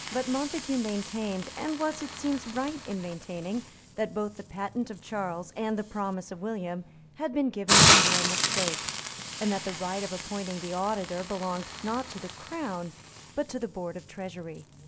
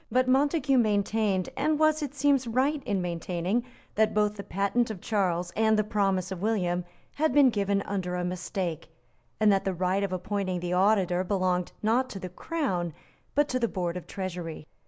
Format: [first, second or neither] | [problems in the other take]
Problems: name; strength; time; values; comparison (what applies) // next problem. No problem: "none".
second | background sound (Hiss); 1 dB above the speech